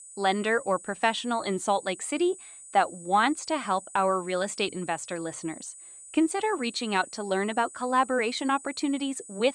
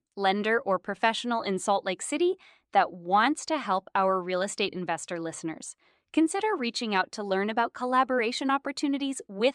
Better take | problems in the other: second | high-pitched whine; noticeable; throughout; 8 kHz, 15 dB below the speech

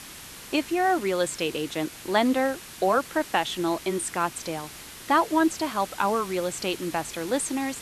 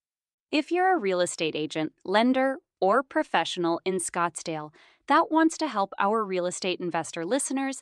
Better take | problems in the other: second | hiss; noticeable; throughout; 15 dB below the speech

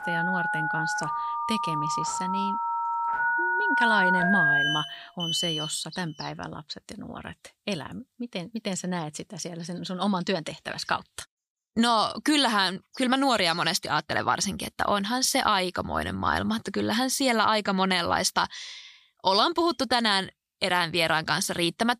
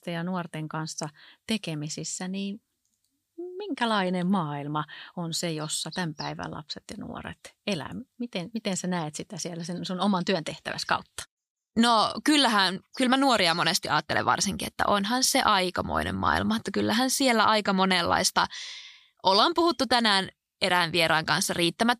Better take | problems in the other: second | alarms or sirens; very loud; until 5.5 s; 1 dB above the speech

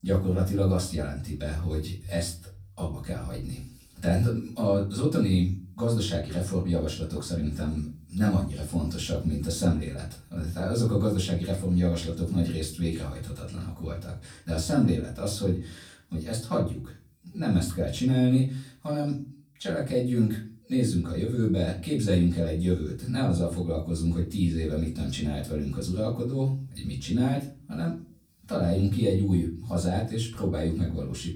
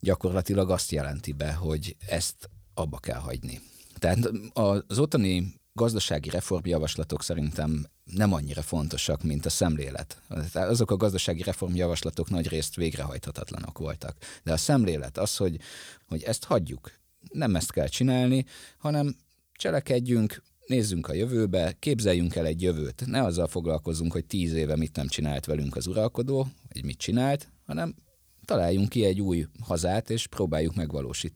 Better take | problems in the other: second | off-mic speech; far // room echo; slight; dies away in 0.4 s

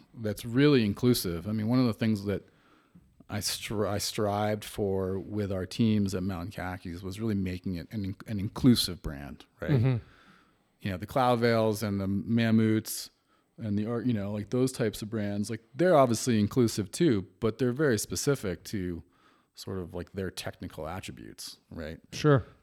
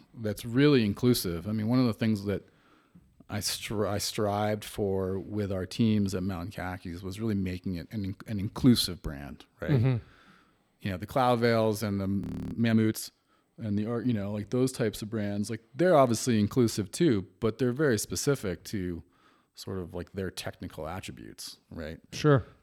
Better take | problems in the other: first | audio freezing; at 12 s

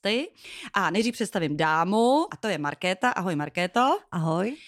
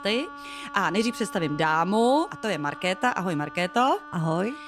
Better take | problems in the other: first | background music; noticeable; throughout; 15 dB below the speech

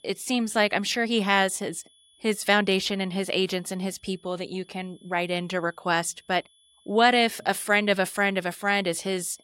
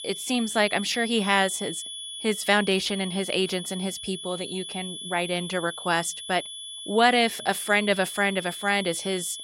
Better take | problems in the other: first | high-pitched whine; loud; throughout; 3.5 kHz, 9 dB below the speech; faint in the first

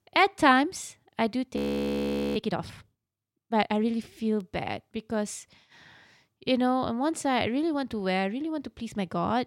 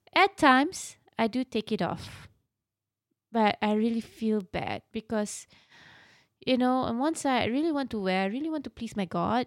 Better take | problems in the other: second | audio freezing; at 1.5 s for 1 s

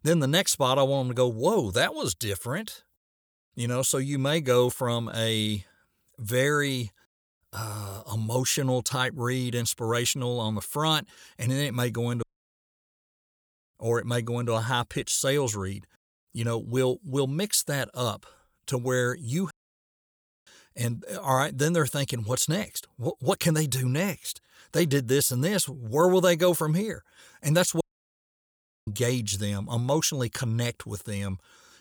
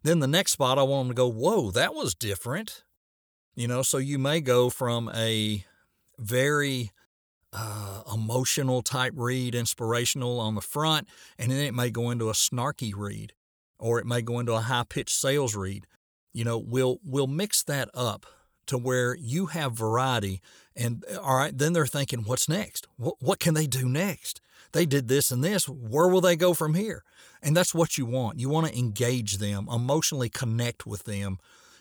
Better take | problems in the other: second | audio cutting out; at 12 s for 1.5 s, at 20 s for 1 s and at 28 s for 1 s

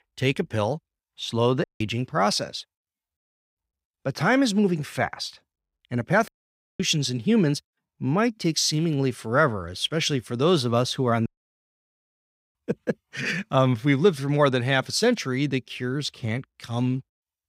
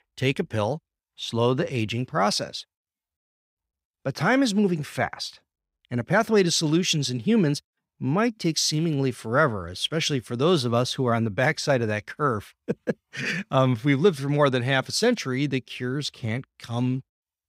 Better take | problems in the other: second | audio cutting out; at 1.5 s, at 6.5 s for 0.5 s and at 11 s for 1.5 s

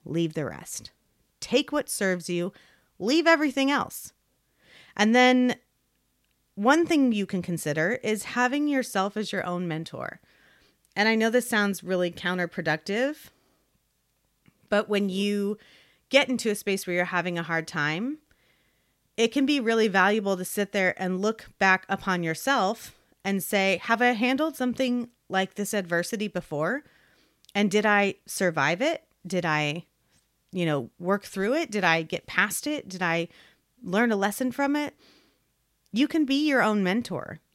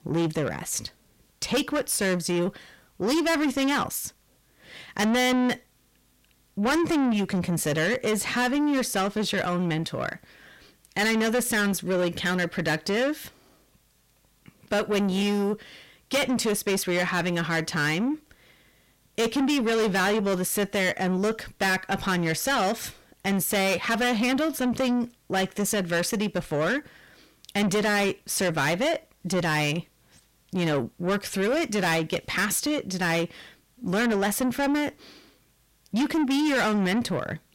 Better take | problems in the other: first | distortion; heavy; 6 dB below the speech

